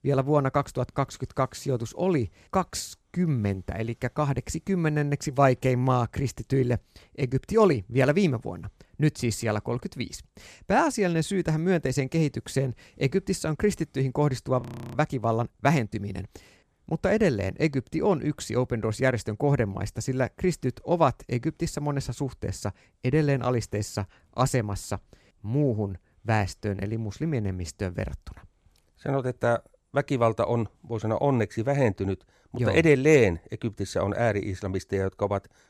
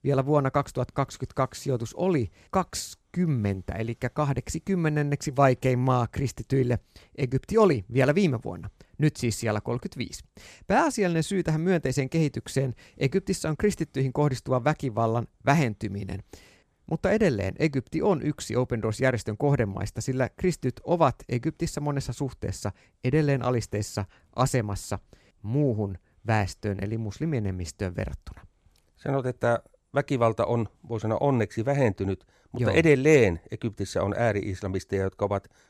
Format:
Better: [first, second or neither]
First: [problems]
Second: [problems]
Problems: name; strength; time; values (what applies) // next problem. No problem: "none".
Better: second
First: audio freezing; at 15 s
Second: none